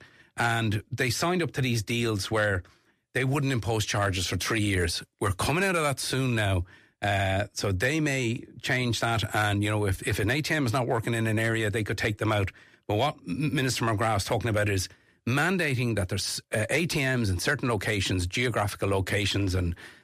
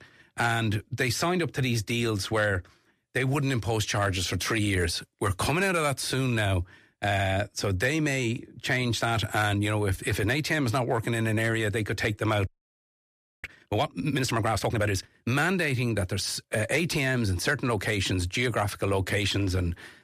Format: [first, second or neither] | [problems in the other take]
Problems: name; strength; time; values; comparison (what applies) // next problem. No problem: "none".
first | audio freezing; at 12 s for 1 s